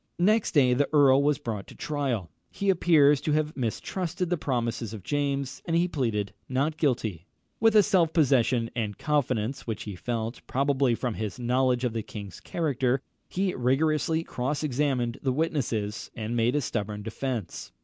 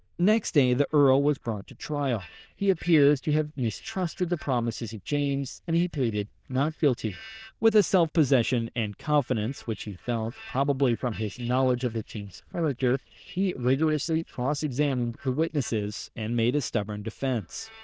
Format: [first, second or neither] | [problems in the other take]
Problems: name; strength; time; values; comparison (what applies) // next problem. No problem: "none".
first | noise reduction (neural diffusion model UNIVERSE++)